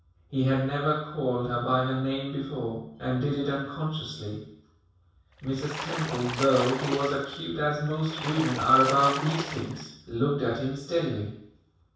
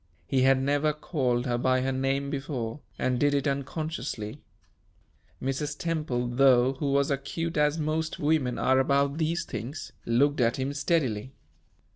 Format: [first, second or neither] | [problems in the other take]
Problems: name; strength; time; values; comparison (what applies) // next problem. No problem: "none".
second | background sound (Splash, splatter); 8 dB below the speech // room echo; dies away in 0.7 s